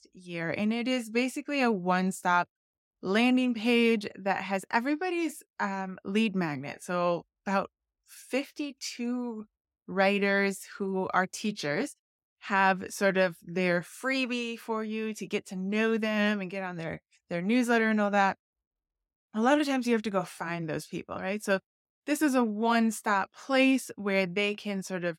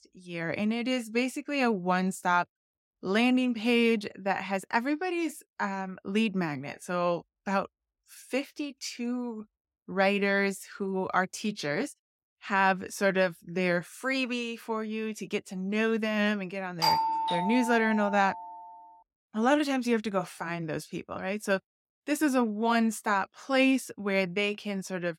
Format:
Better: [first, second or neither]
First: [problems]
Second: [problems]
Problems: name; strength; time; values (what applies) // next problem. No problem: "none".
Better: first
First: none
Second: doorbell; loud; from 17 to 18 s; peak 4 dB above the speech